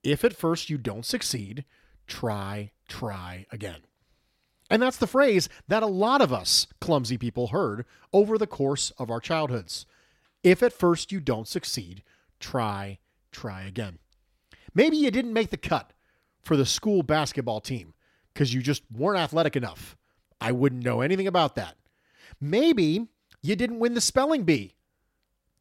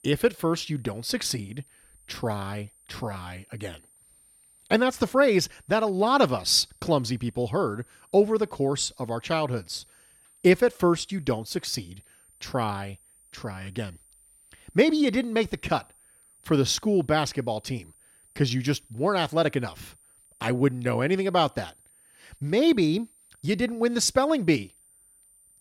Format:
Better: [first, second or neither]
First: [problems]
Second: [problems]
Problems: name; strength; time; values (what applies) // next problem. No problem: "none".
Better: first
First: none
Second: high-pitched whine; faint; throughout; 9 kHz, 30 dB below the speech